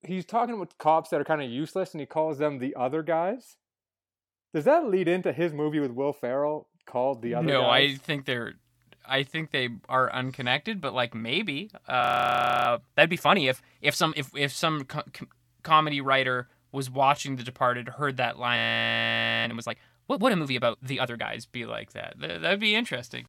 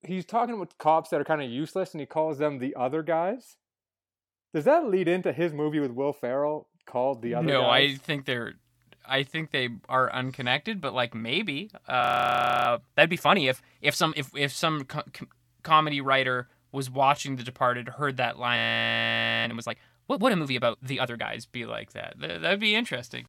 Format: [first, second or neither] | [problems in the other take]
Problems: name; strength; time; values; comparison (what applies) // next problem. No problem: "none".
neither | audio freezing; at 12 s for 0.5 s and at 19 s for 1 s; the same in both